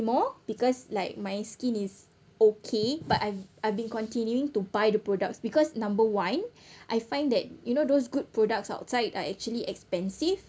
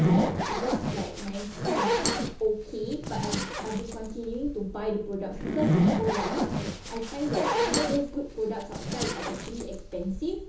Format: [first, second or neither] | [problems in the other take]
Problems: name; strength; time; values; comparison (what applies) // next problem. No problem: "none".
first | background sound (Zipper (clothing)); 3 dB above the speech // room echo; dies away in 1.2 s